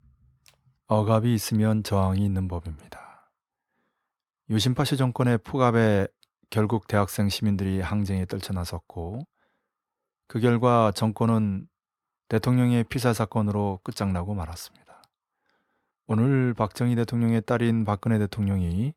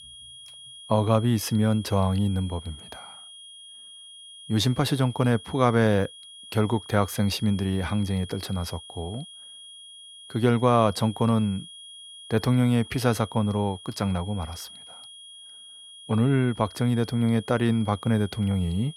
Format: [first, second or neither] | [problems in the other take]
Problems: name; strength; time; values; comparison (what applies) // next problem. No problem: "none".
first | high-pitched whine; noticeable; throughout; 3.5 kHz, 15 dB below the speech